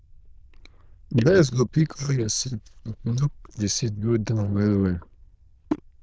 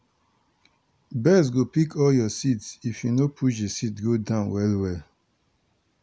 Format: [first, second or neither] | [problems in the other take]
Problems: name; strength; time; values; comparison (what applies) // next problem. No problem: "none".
second | noise reduction (neural diffusion model UNIVERSE++)